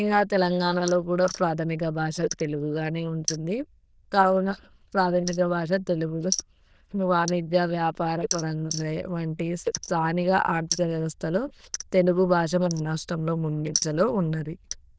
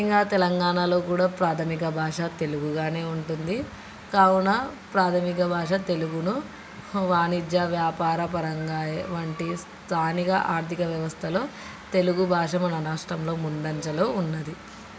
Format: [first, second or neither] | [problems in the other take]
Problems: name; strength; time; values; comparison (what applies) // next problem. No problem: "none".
second | noise reduction (neural diffusion model UNIVERSE++)